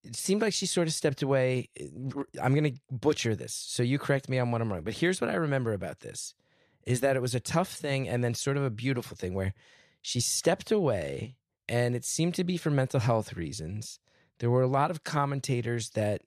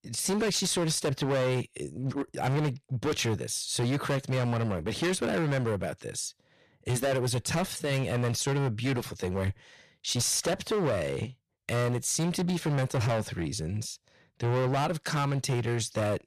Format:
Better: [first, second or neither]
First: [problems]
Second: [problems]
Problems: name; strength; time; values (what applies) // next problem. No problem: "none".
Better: first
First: none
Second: distortion; heavy; 19% of the sound clipped